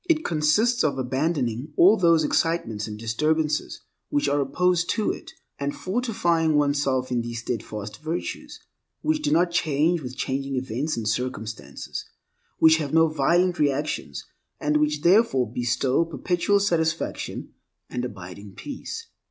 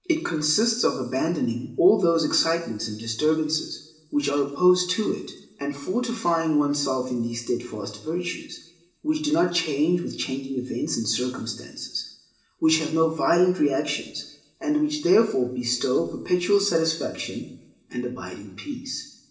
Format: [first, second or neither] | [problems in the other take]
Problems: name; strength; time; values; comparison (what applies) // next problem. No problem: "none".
first | room echo; dies away in 0.9 s